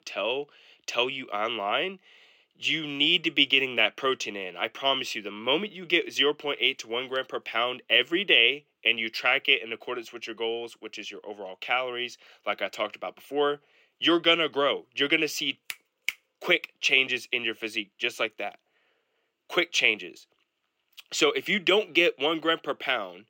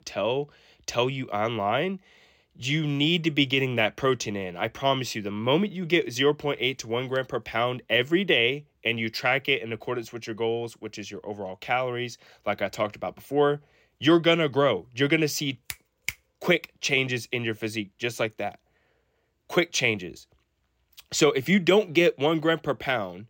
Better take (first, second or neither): second